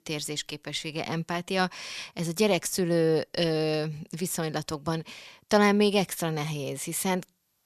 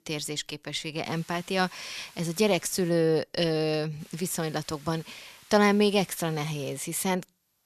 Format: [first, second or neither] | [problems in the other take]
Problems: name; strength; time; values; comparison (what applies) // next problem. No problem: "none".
first | hiss; faint; from 1 to 3 s and from 4 to 7 s; 25 dB below the speech